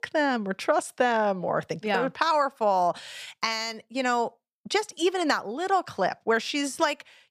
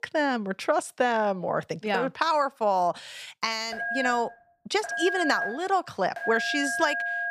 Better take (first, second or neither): first